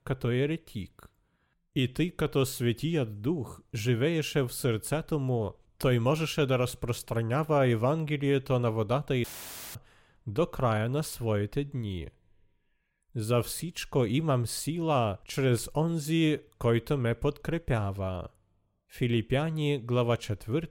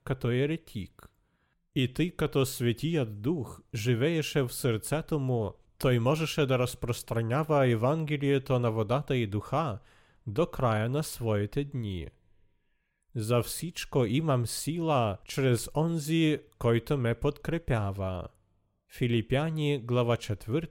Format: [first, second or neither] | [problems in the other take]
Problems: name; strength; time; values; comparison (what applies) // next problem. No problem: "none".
second | audio cutting out; filled with static; at 9 s for 0.5 s